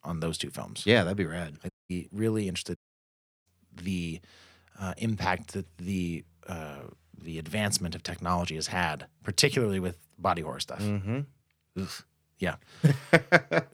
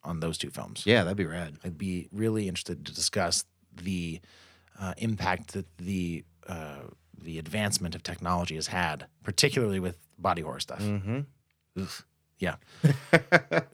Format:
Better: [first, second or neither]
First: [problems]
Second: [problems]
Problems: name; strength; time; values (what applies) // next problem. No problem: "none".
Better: second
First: audio cutting out; at 1.5 s and at 3 s for 0.5 s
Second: none